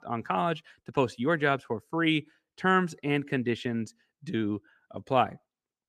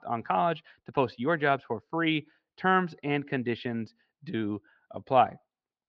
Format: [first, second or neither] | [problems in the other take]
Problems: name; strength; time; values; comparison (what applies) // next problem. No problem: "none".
first | muffled; very slightly; fading above 4.5 kHz